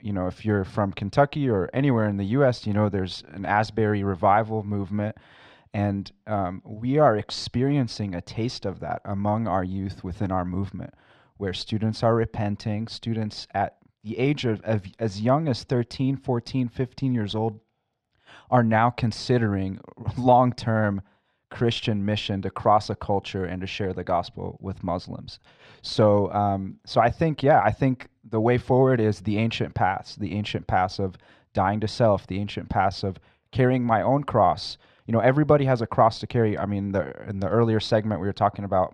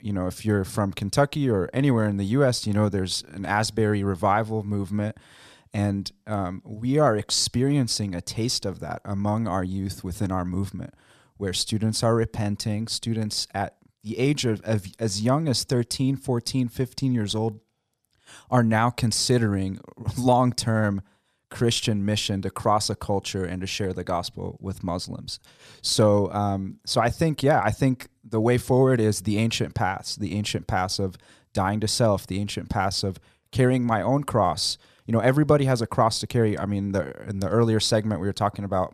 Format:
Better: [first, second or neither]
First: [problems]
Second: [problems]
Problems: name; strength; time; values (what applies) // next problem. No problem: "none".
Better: second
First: muffled; slightly; fading above 3 kHz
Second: none